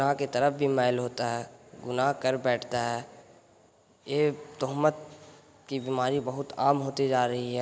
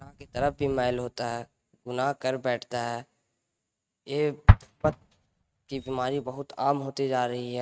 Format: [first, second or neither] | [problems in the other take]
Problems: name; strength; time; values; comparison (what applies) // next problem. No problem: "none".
first | noise reduction (neural mask model RNNoise)